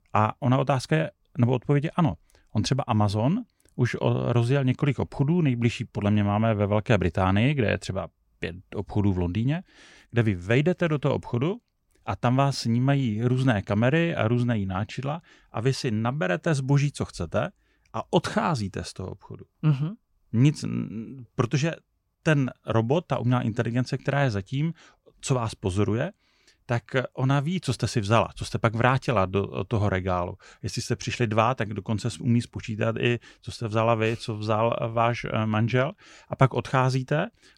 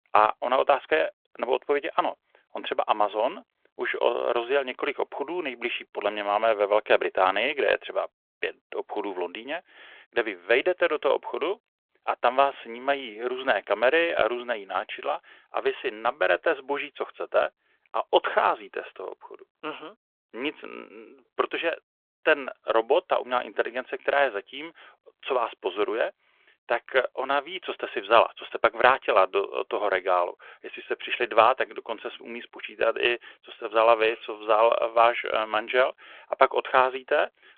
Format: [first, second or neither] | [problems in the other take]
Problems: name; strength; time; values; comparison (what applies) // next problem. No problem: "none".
first | phone-call audio